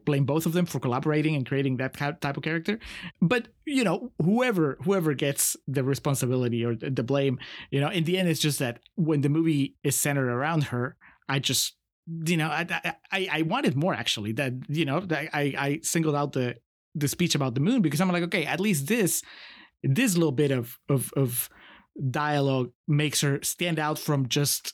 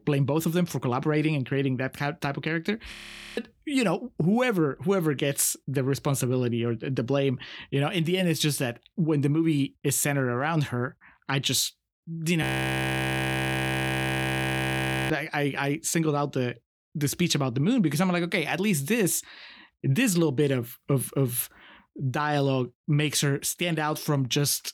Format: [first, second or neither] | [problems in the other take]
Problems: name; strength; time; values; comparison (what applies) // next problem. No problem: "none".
first | audio freezing; at 3 s and at 12 s for 2.5 s